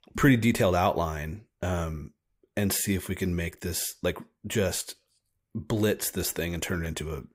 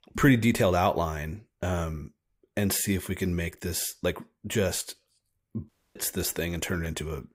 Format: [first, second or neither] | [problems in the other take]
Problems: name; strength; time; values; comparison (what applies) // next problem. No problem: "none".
first | audio cutting out; at 5.5 s